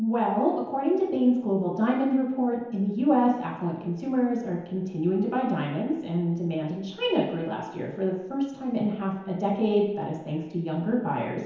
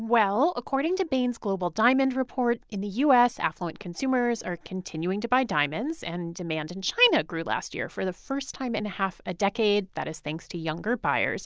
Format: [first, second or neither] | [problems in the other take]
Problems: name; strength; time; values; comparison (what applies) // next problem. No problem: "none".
second | room echo; dies away in 1 s